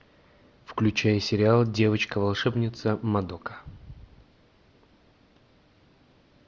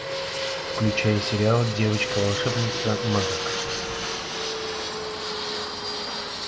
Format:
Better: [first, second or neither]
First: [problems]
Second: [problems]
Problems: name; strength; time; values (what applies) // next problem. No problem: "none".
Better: first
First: none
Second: background sound (Fixed-wing aircraft, airplane); 1 dB below the speech // room echo; dies away in 1.3 s